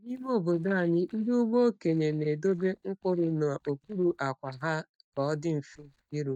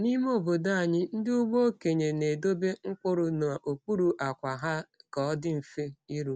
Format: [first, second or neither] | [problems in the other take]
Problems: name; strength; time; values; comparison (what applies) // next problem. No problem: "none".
second | noise reduction (neural mask model DeepFilterNet 3)